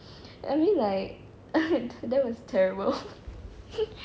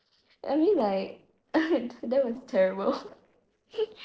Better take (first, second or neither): first